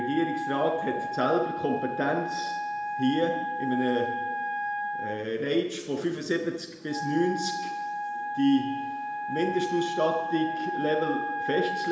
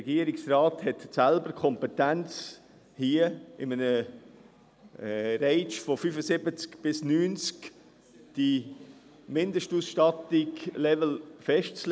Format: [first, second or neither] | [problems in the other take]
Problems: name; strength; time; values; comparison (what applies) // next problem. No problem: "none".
second | background sound (Wind instrument, woodwind instrument); 3 dB below the speech // room echo; dies away in 1 s